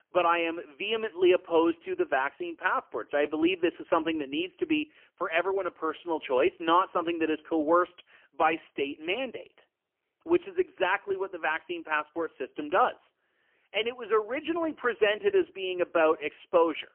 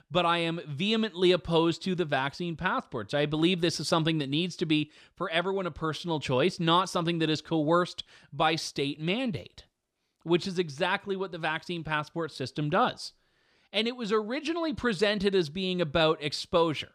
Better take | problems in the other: second | phone-call audio; poor line; nothing above 3 kHz

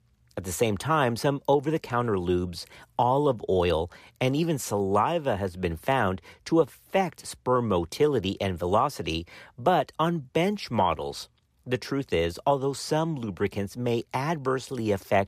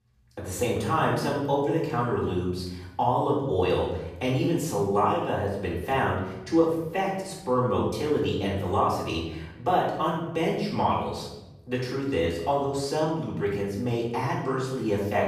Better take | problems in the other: first | off-mic speech; far // room echo; noticeable; dies away in 0.9 s

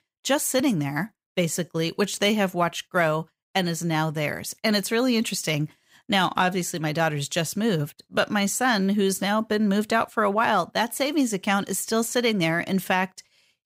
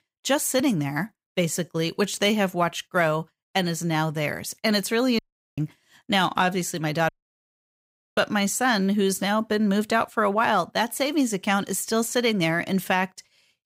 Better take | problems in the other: first | audio cutting out; at 5 s and at 7 s for 1 s

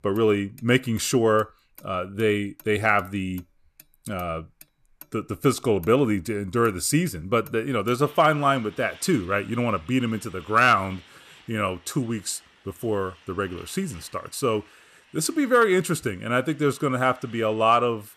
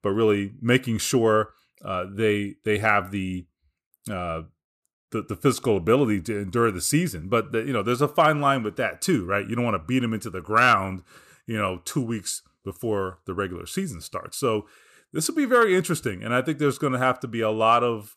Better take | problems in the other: second | traffic noise; faint; throughout; 25 dB below the speech

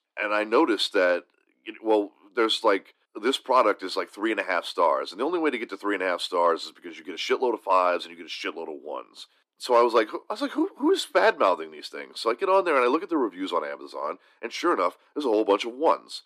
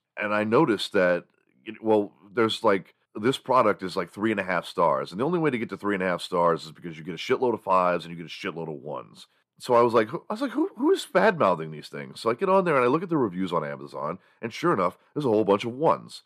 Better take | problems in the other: second | thin; very slightly; fading below 300 Hz

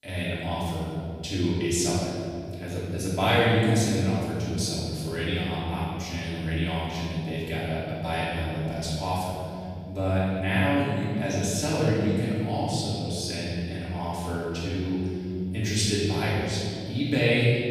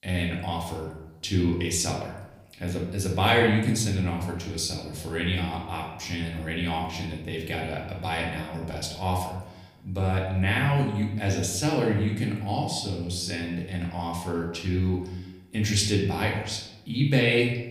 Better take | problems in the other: second | room echo; strong; dies away in 2.7 s; slight in the second // off-mic speech; far; far in the second

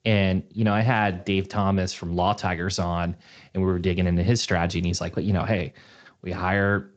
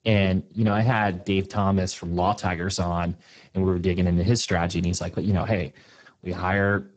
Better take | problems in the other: first | garbled, watery; badly; nothing above 7.5 kHz; slightly in the first

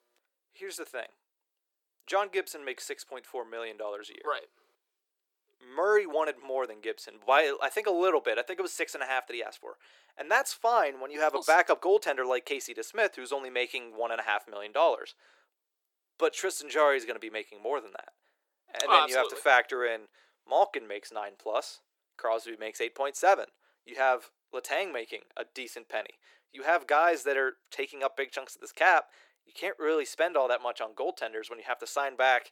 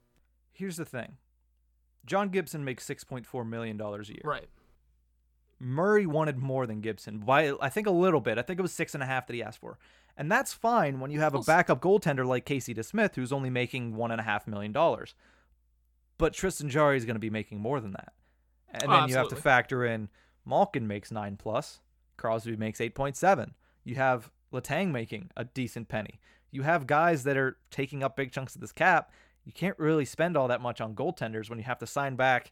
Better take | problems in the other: second | thin; very; fading below 350 Hz

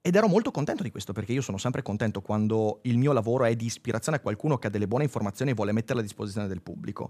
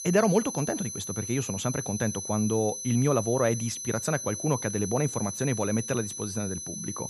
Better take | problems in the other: first | high-pitched whine; loud; throughout; 6 kHz, 6 dB below the speech

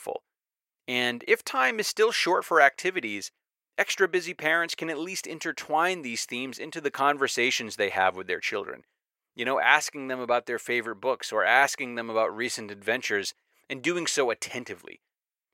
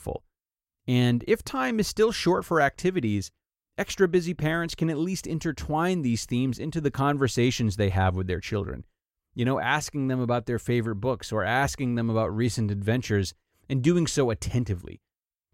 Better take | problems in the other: second | thin; very; fading below 550 Hz

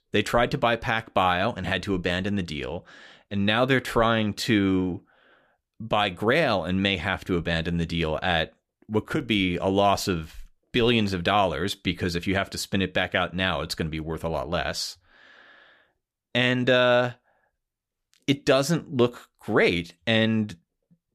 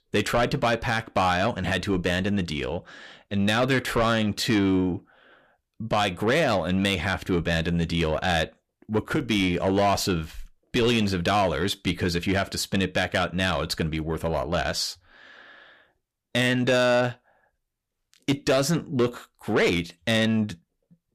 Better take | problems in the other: first | distortion; slight; 10 dB below the speech

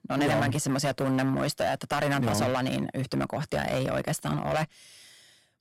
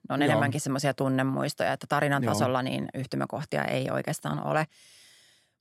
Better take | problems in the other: second | distortion; heavy; 10% of the sound clipped

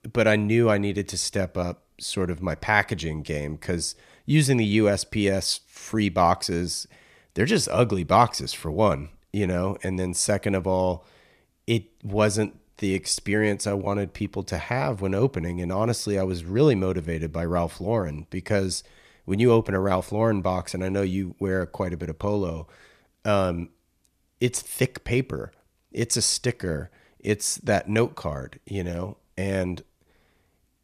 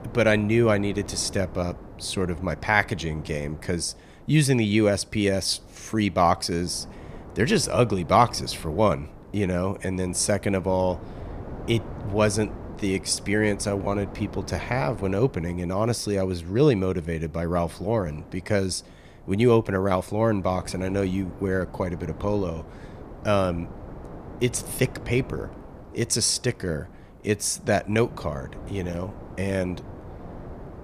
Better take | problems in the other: first | wind noise on the microphone; occasional gusts; 20 dB below the speech

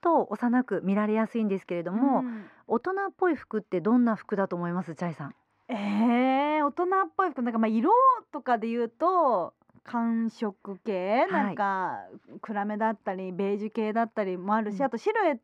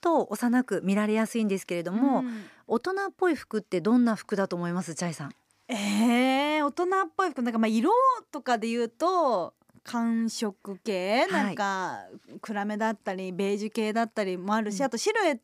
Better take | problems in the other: second | muffled; very; fading above 4 kHz

